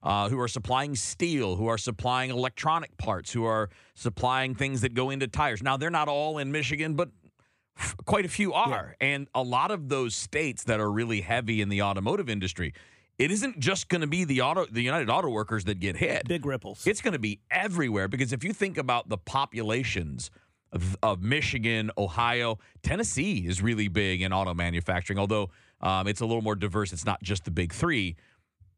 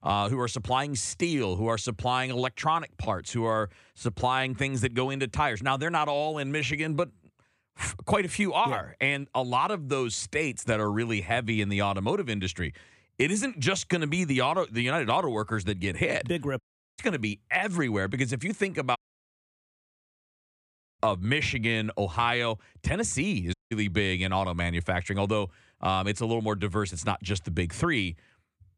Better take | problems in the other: first | audio cutting out; at 17 s, at 19 s for 2 s and at 24 s

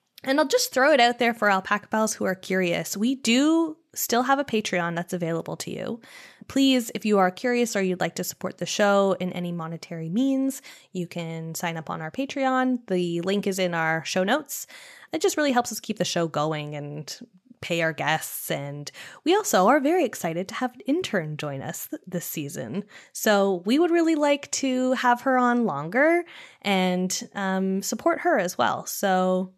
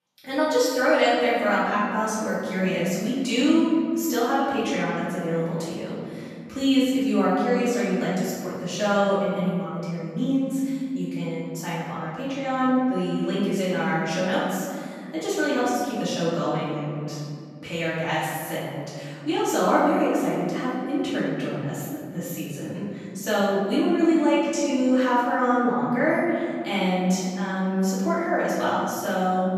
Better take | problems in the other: first | off-mic speech; far // room echo; strong; dies away in 2.3 s

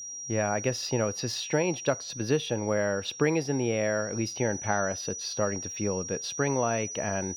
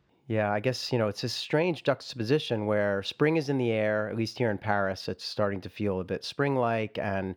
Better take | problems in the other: second | high-pitched whine; loud; throughout; 5.5 kHz, 7 dB below the speech

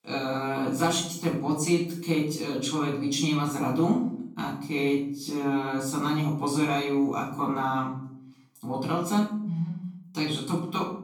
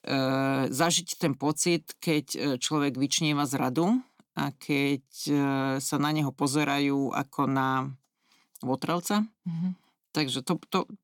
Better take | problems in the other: second | off-mic speech; far // room echo; noticeable; dies away in 0.6 s

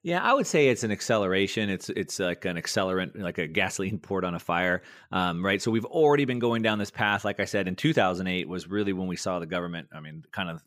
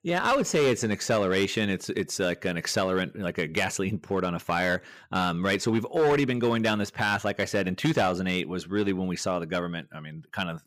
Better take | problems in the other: first | distortion; slight; 5% of the sound clipped

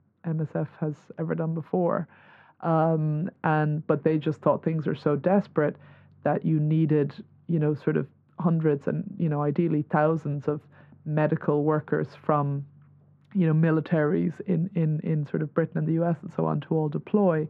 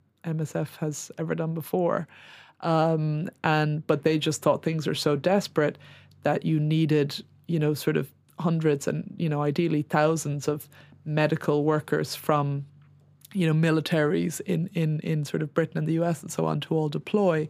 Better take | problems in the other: second | muffled; very; fading above 1.5 kHz

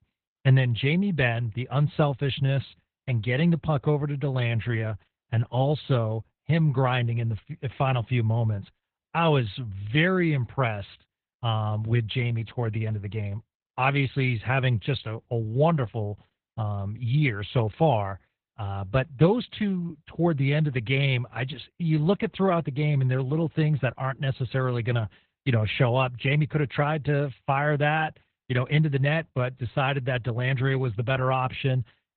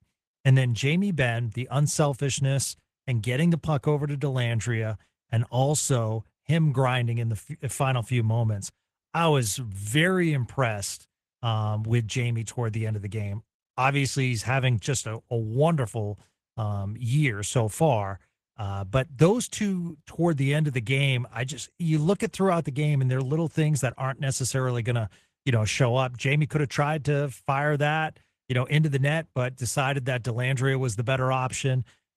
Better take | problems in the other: second | garbled, watery; badly; nothing above 4 kHz; slightly in the second

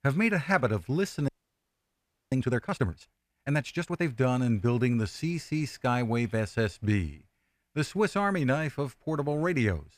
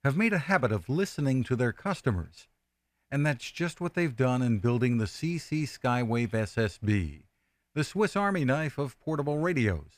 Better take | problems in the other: second | audio freezing; at 1.5 s for 1 s

